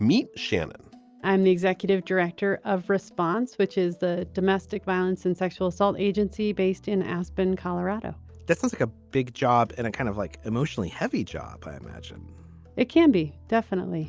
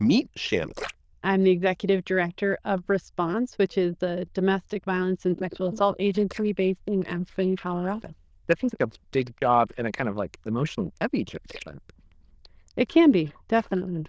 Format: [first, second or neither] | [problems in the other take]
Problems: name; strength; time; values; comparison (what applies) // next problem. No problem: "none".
first | noise reduction (neural diffusion model UNIVERSE++)